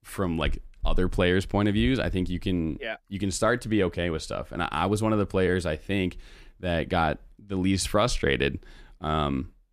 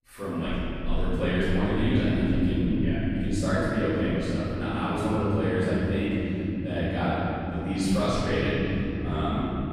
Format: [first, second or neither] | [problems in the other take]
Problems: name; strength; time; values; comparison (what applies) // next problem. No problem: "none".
first | off-mic speech; far // room echo; strong; dies away in 3 s